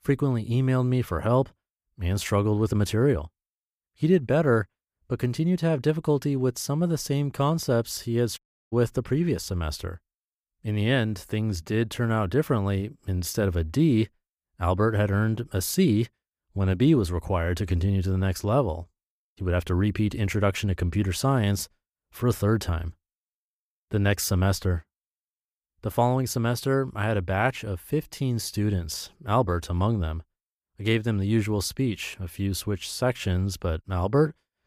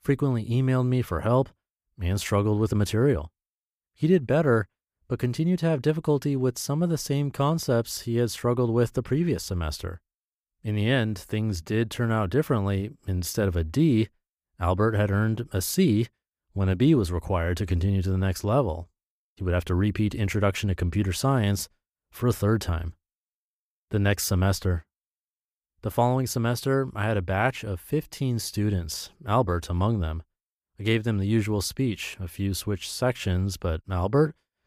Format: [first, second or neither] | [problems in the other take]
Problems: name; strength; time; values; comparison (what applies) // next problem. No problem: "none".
second | audio cutting out; at 8.5 s